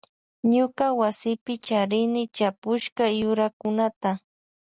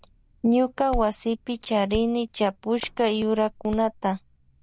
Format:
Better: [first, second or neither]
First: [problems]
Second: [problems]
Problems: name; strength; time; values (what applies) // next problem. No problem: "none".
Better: first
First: none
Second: background sound (Hands); 14 dB below the speech